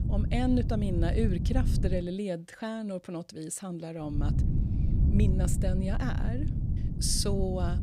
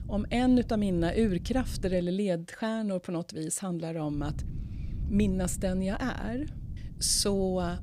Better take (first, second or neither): second